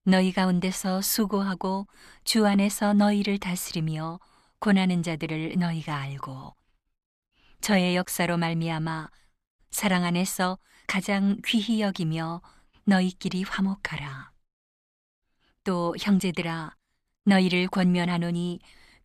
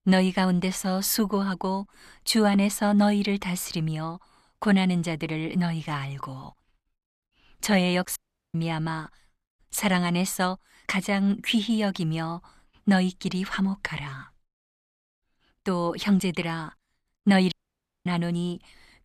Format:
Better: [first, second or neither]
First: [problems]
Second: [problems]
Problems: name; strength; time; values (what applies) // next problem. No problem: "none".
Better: first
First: none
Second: audio cutting out; at 8 s and at 18 s for 0.5 s